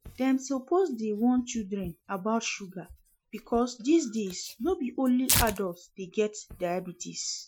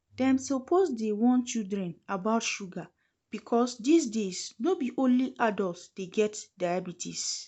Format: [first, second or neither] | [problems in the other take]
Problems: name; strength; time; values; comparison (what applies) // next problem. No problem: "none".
second | noise reduction (classical method Wiener filter)